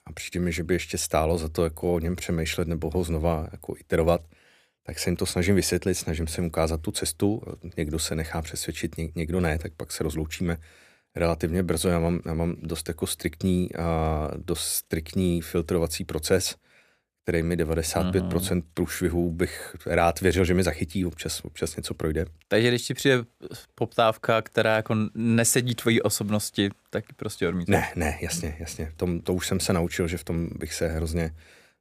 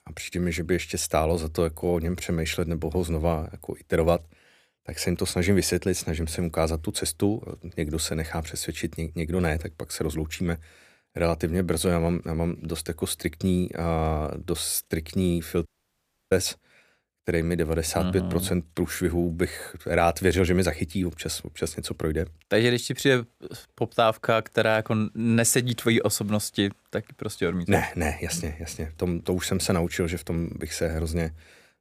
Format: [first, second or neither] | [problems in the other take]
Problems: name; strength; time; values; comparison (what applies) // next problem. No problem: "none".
first | audio cutting out; at 16 s for 0.5 s